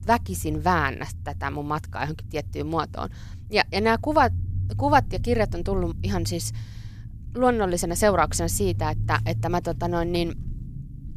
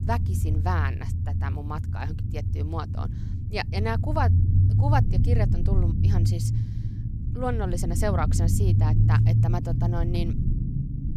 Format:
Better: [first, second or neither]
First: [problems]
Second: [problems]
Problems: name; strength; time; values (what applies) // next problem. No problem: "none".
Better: first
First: low rumble; faint; throughout; 25 dB below the speech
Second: low rumble; loud; throughout; 5 dB below the speech